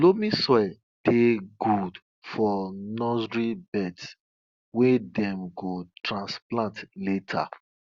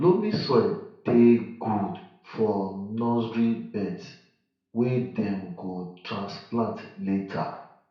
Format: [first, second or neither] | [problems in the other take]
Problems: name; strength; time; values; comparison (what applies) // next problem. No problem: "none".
first | room echo; dies away in 0.6 s